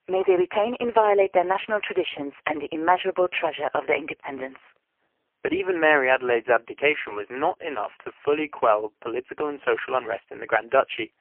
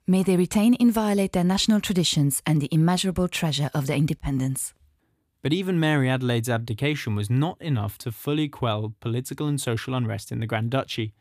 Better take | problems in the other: second | phone-call audio; poor line; nothing above 3 kHz

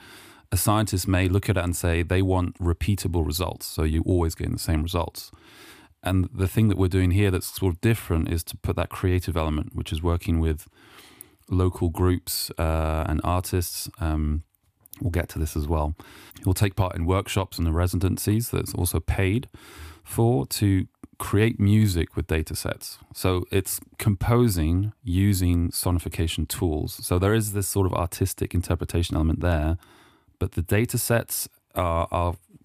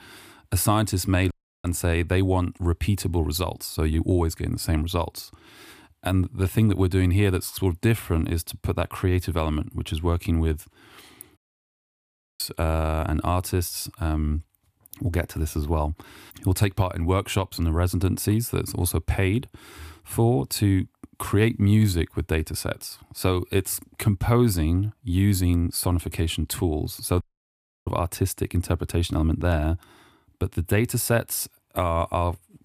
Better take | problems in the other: first | audio cutting out; at 1.5 s, at 11 s for 1 s and at 27 s for 0.5 s

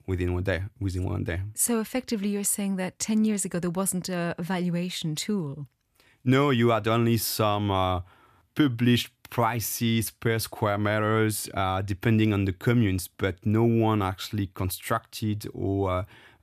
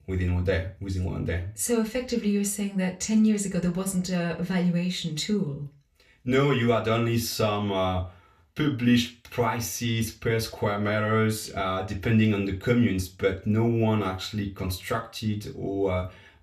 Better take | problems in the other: first | room echo; very slight; dies away in 0.3 s // off-mic speech; far

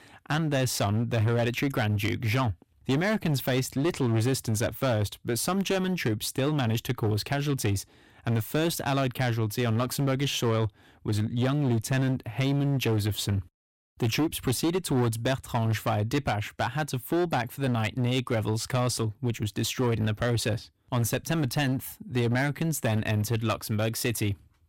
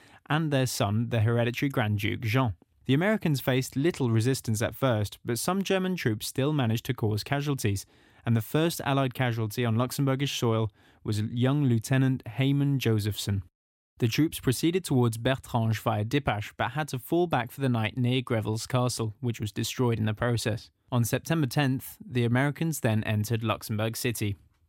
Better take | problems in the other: second | distortion; slight; 16% of the sound clipped

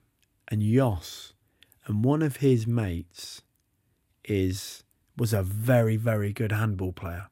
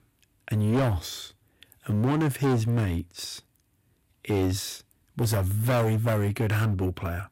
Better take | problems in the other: first | distortion; heavy; 14% of the sound clipped

